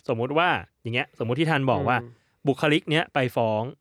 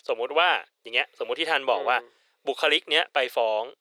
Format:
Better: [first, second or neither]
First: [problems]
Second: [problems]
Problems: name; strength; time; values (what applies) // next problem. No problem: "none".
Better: first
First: none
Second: thin; very; fading below 450 Hz